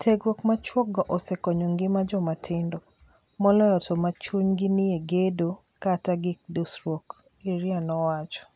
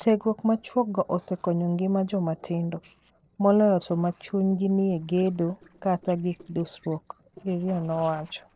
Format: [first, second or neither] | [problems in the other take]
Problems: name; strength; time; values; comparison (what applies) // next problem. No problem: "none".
first | noise reduction (neural separator model SepFormer DNS4)